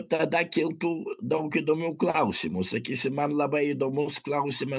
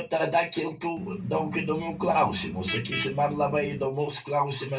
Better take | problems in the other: first | background sound (Vehicle horn, car horn, honking); 8 dB below the speech // room echo; dies away in 0.2 s

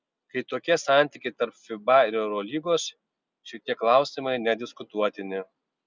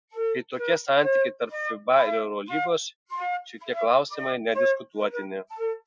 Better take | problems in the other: first | noise reduction (classical method Wiener filter)

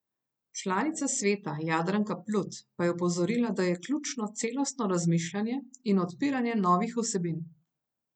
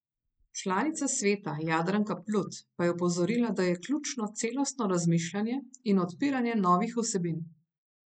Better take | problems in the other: first | noise reduction (neural mask model Resemble Enhance denoiser)

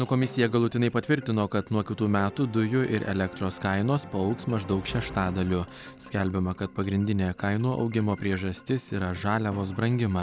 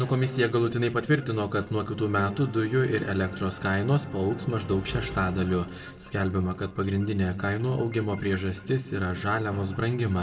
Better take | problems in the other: first | room echo; dies away in 1.3 s

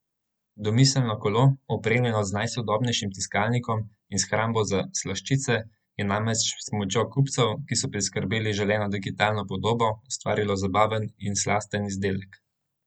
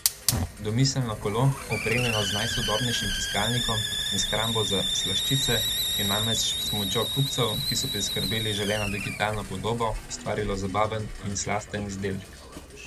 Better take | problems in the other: first | background sound (Hiss); 1 dB below the speech

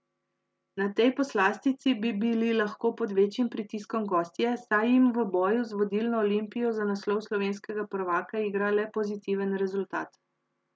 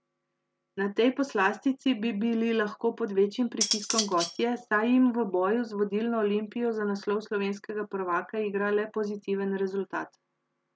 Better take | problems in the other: first | background sound (Cutlery, silverware); 4 dB below the speech

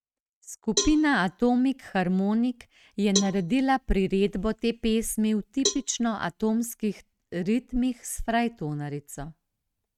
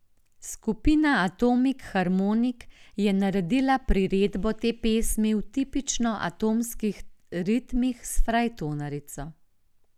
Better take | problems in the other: second | noise reduction (neural mask model RNNoise)

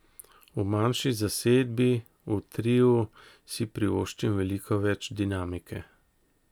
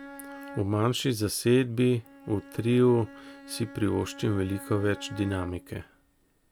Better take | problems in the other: first | background sound (Bowed string instrument); 18 dB below the speech

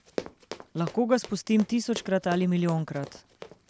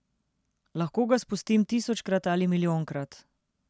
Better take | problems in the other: second | background sound (Run); 15 dB below the speech

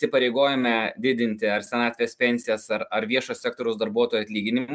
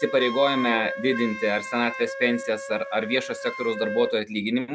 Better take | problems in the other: first | background sound (Wind instrument, woodwind instrument); 9 dB below the speech

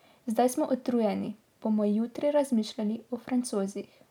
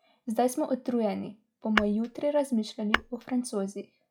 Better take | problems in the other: first | noise reduction (classical method log-MMSE)

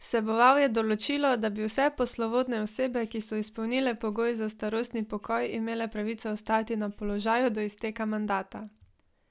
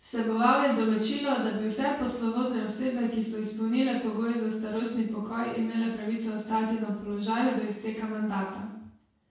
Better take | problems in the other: first | room echo; dies away in 0.6 s

